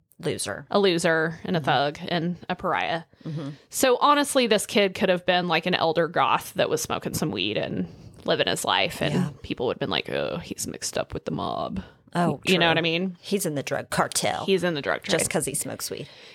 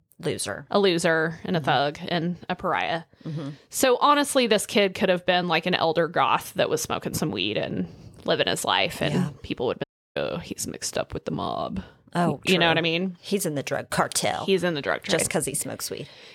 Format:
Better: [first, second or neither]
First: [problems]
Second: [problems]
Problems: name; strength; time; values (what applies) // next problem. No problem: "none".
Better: first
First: none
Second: audio cutting out; at 10 s